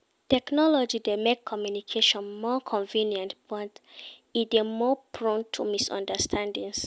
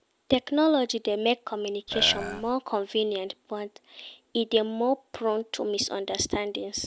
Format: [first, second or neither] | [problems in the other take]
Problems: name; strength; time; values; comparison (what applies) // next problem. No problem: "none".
first | background sound (Burping, eructation); 7 dB below the speech